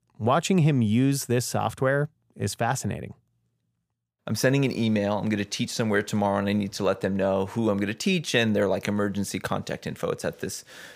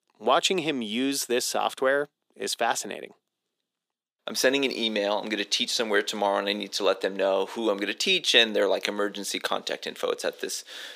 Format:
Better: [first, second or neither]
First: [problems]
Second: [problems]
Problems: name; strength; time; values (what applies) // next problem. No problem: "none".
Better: first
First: none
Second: thin; somewhat; fading below 300 Hz